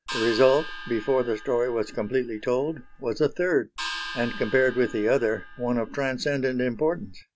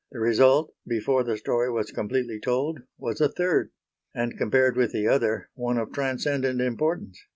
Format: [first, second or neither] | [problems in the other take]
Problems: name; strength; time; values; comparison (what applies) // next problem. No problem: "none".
second | background sound (Gong); 13 dB below the speech